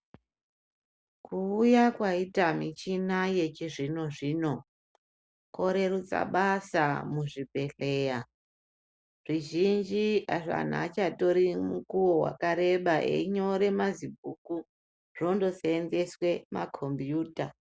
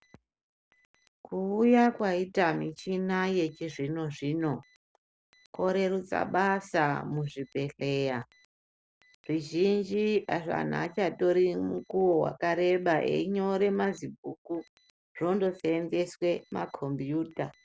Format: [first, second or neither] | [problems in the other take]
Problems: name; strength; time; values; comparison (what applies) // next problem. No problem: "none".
first | noise reduction (neural separator model SepFormer DNS4)